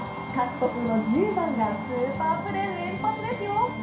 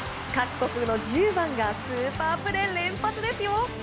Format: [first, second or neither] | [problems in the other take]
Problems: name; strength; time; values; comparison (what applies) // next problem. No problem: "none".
second | background sound (Wind instrument, woodwind instrument); 16 dB below the speech // room echo; dies away in 0.5 s